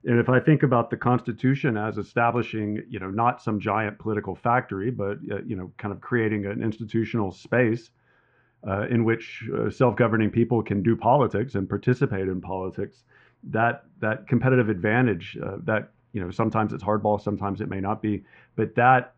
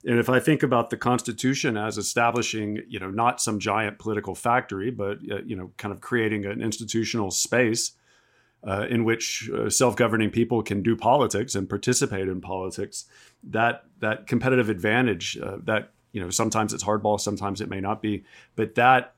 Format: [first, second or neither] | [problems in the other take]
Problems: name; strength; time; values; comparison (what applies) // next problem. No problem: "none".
second | muffled; very; fading above 2 kHz